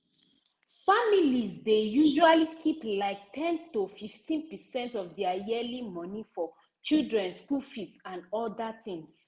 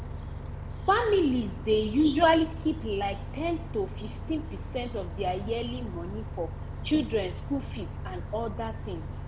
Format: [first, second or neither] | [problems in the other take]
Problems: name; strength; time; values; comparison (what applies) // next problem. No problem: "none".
first | background sound (Bus); 7 dB below the speech